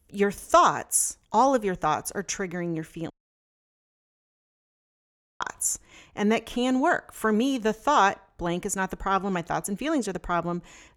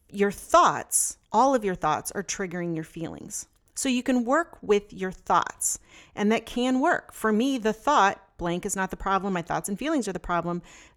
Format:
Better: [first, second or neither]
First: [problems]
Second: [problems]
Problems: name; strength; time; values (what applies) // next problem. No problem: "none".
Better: second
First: audio cutting out; at 3 s for 2.5 s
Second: none